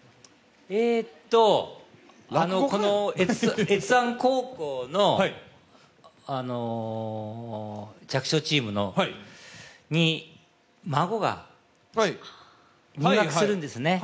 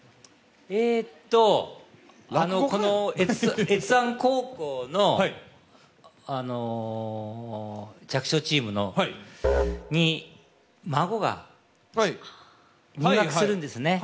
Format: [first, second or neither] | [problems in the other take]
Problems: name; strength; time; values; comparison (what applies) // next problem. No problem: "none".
first | background sound (Musical instrument); 5 dB below the speech